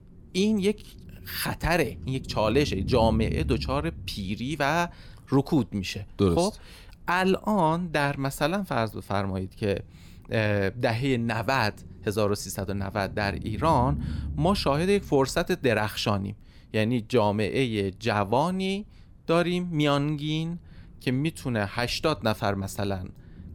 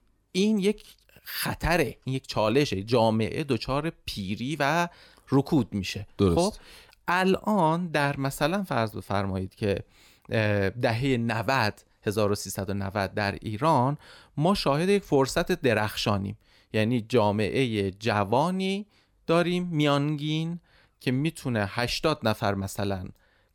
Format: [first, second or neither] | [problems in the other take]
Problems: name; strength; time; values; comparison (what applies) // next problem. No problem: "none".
second | low rumble; faint; throughout; 20 dB below the speech